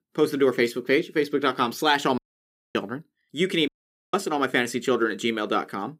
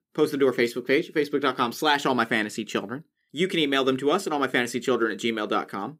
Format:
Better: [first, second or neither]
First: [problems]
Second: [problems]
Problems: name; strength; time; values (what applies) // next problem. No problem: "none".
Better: second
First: audio cutting out; at 2 s for 0.5 s and at 3.5 s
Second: none